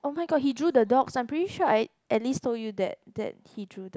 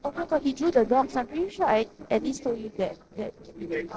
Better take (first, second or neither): first